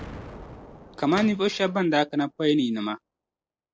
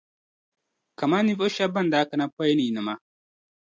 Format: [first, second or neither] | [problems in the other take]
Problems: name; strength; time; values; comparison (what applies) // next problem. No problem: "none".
second | background sound (Microwave oven + Explosion); 18 dB below the speech